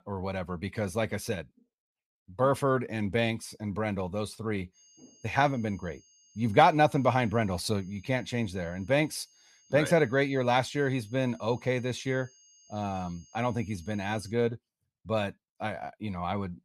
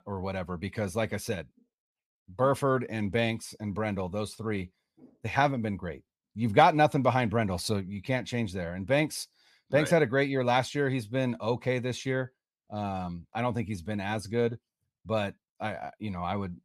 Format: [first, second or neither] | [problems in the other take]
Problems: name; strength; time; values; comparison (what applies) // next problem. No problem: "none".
second | high-pitched whine; faint; from 5 to 14 s; 6.5 kHz, 30 dB below the speech